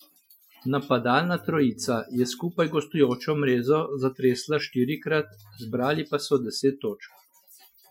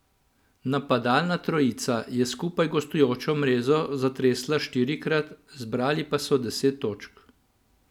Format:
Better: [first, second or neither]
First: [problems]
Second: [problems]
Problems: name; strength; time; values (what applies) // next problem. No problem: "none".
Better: second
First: noise reduction (classical method Wiener filter)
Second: none